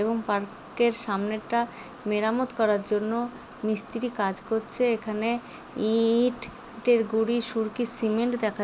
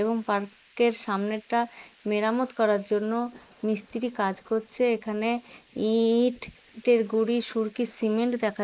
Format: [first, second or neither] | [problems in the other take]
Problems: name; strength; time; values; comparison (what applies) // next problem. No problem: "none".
first | noise reduction (neural mask model Resemble Enhance denoiser)